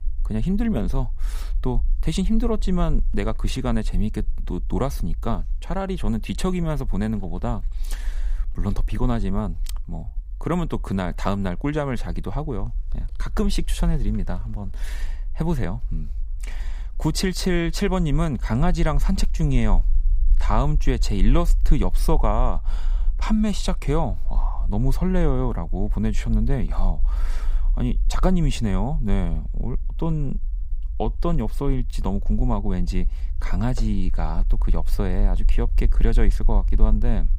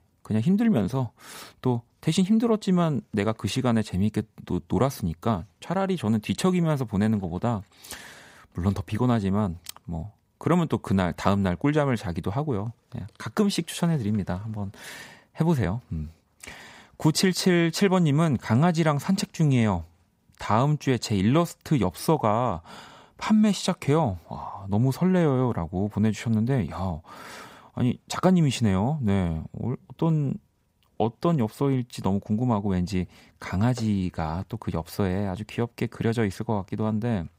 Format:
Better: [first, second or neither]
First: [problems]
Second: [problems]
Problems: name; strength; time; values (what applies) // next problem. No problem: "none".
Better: second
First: low rumble; faint; throughout; 25 dB below the speech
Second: none